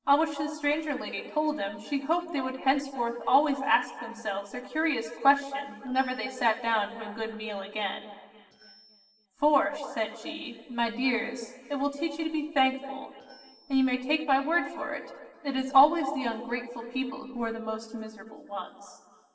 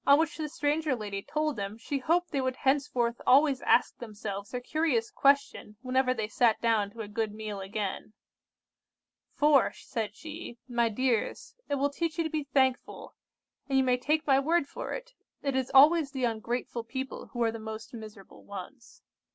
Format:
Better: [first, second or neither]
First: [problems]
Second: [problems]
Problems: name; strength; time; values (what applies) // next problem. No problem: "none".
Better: second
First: noise reduction (neural separator model SepFormer DNS4)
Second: none